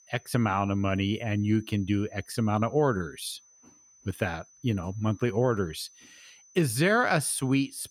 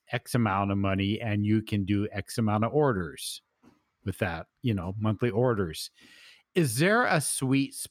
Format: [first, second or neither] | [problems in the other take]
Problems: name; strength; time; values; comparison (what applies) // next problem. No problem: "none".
second | high-pitched whine; faint; throughout; 6 kHz, 25 dB below the speech